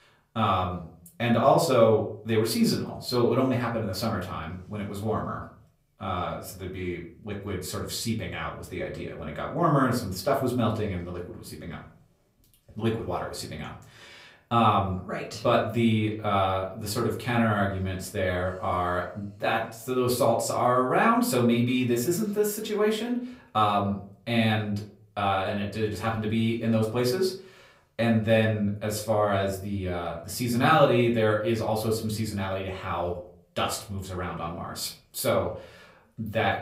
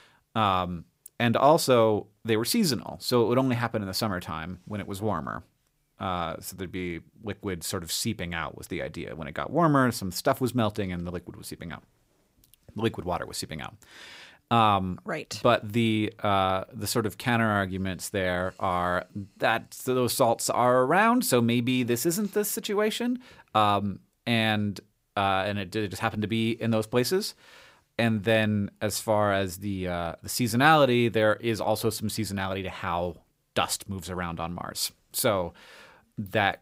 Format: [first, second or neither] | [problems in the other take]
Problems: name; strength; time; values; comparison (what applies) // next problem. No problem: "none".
second | room echo; slight; dies away in 0.4 s // off-mic speech; far